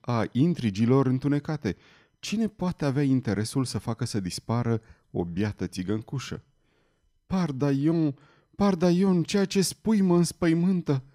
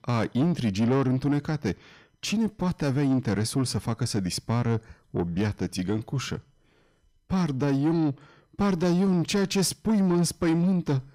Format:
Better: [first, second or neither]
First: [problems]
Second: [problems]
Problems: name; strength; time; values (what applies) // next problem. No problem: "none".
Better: first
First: none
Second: distortion; slight; 10 dB below the speech